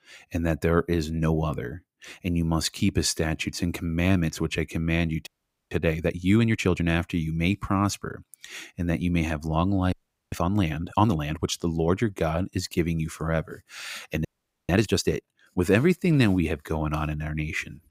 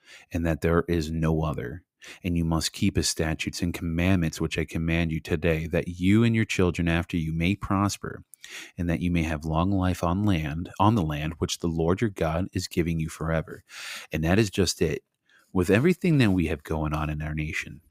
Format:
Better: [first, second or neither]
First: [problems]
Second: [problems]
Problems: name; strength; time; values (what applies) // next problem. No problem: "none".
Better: second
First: audio freezing; at 5.5 s, at 10 s and at 14 s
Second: none